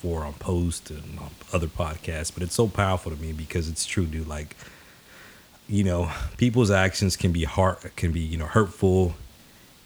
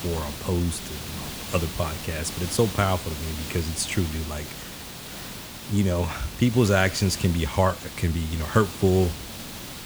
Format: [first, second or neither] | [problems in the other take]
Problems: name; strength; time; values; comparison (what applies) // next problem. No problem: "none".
first | hiss; loud; throughout; 10 dB below the speech; faint in the first